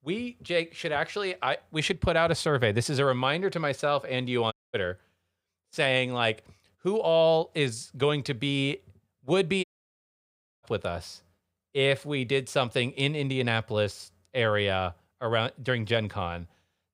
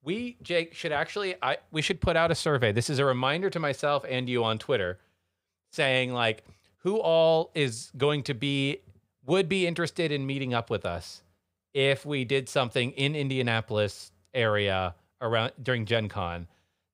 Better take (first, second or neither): second